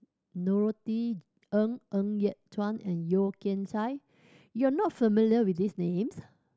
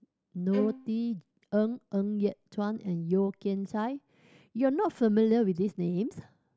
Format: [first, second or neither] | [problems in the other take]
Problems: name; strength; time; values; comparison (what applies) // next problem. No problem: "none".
first | background sound (Bowed string instrument); 11 dB below the speech